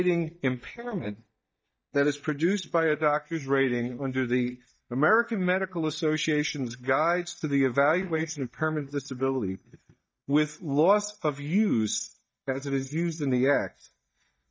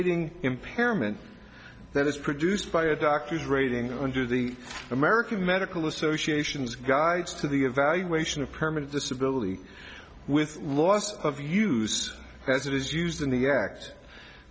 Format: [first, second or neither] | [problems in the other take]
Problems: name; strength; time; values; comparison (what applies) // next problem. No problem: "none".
second | noise reduction (neural mask model DeepFilterNet 3)